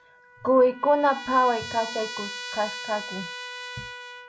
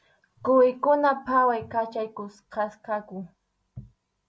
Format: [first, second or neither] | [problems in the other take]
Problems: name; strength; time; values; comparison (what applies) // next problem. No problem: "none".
second | background sound (Trumpet); 12 dB below the speech